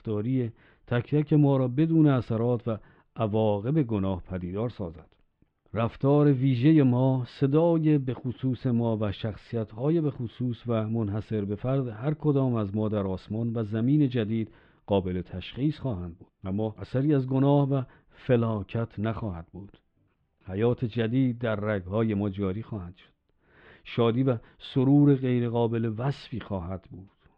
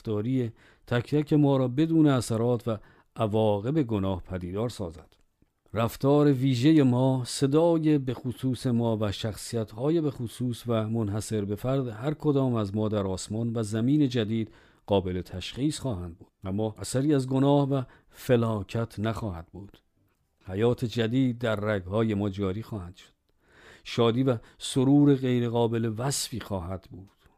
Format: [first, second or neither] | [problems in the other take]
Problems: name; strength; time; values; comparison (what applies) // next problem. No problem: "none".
second | muffled; very; fading above 3 kHz